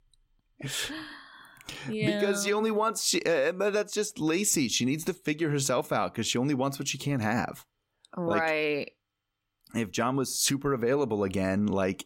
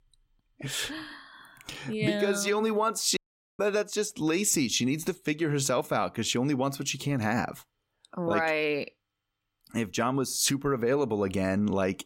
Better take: first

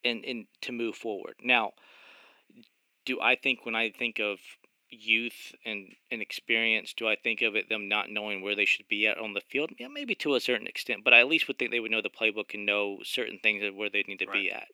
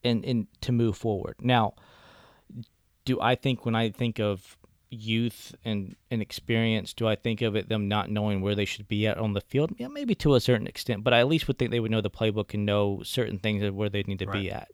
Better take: second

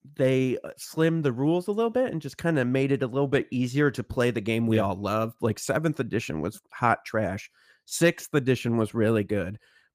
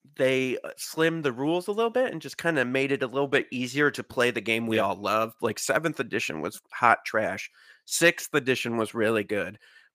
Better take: first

